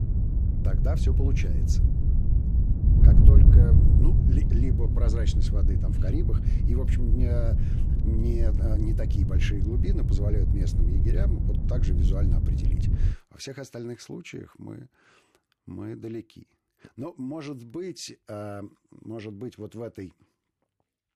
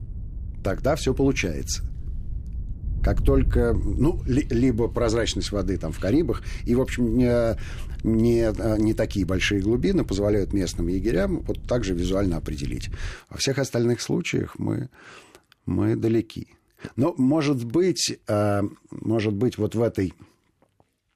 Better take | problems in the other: second | wind noise on the microphone; heavy; until 13 s; as loud as the speech; occasional gusts in the second

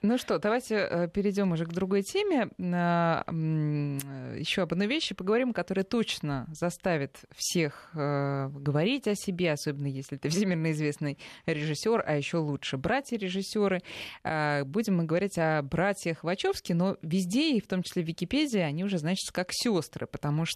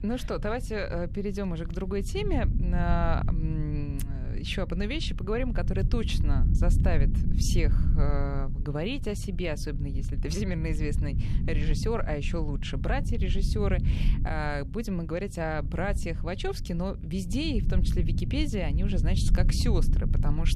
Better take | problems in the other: first | low rumble; noticeable; throughout; 10 dB below the speech

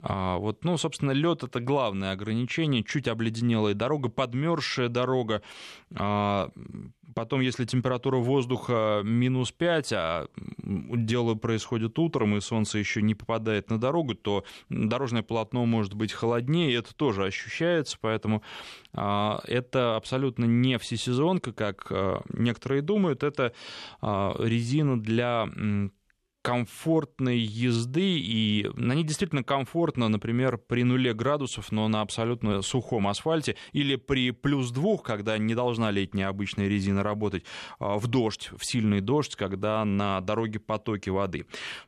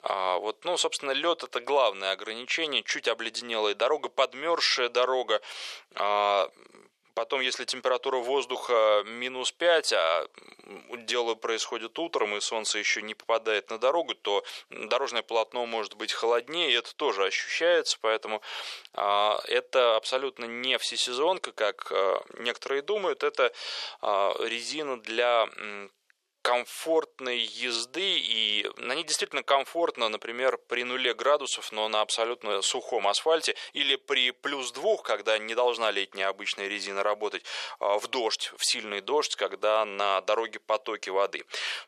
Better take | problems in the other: first | thin; very; fading below 500 Hz

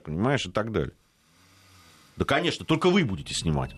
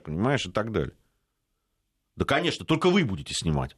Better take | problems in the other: second | traffic noise; faint; throughout; 25 dB below the speech

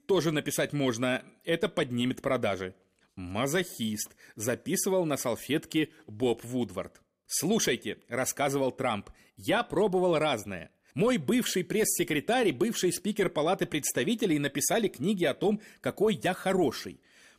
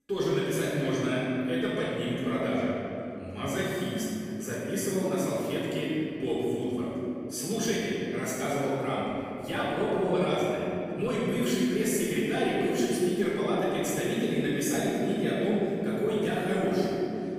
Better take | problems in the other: first | off-mic speech; far // room echo; strong; dies away in 3 s

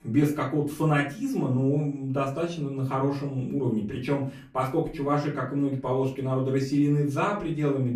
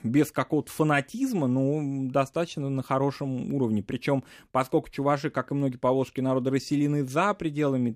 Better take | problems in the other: second | off-mic speech; far // room echo; slight; dies away in 0.3 s

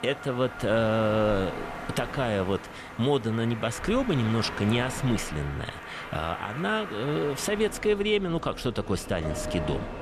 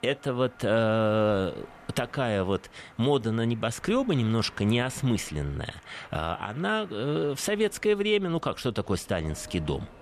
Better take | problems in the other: second | train or aircraft noise; loud; throughout; 10 dB below the speech; faint in the second

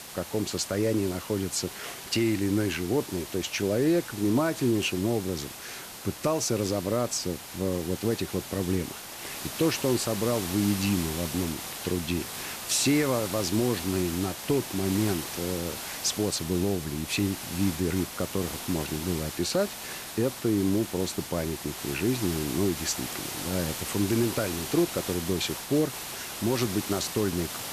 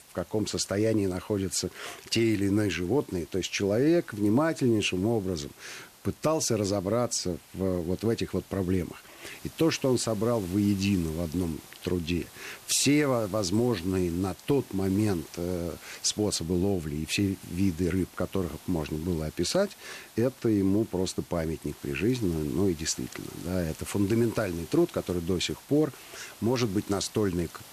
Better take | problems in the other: second | hiss; loud; throughout; 7 dB below the speech; faint in the second

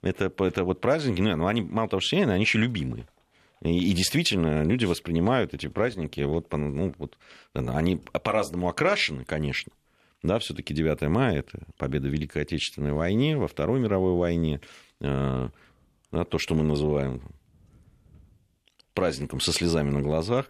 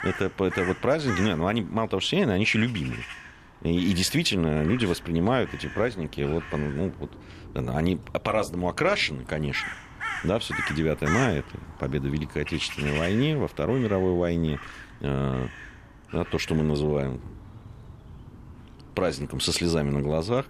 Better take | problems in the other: first | animal sounds; noticeable; throughout; 10 dB below the speech

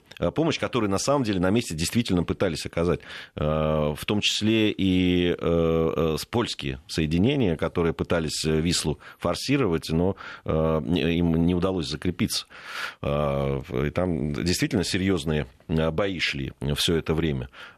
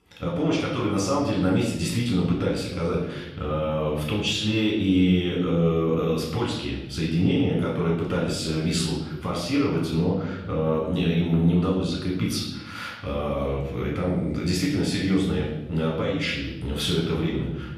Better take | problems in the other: first | off-mic speech; far // room echo; noticeable; dies away in 0.9 s

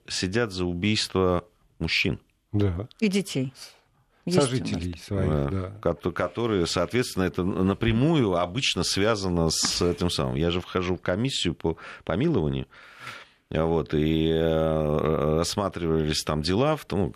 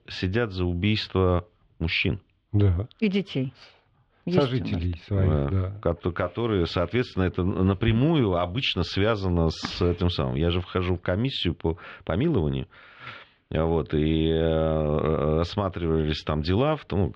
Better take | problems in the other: first | muffled; slightly; fading above 3.5 kHz

